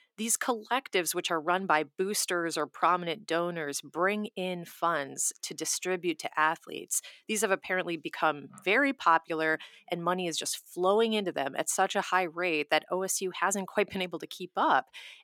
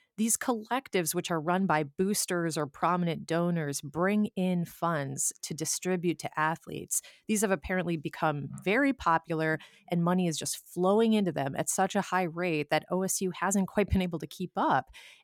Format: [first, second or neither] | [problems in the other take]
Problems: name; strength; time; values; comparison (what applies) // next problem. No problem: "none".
second | thin; somewhat; fading below 350 Hz